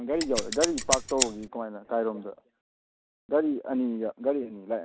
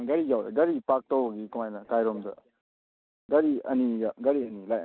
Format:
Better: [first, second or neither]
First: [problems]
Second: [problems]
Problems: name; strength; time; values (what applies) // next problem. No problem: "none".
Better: second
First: background sound (Scissors); 1 dB below the speech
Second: none